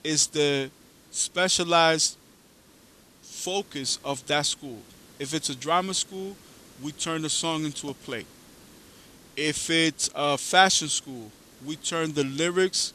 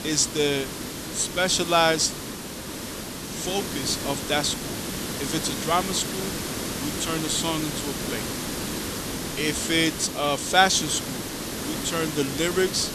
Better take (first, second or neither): first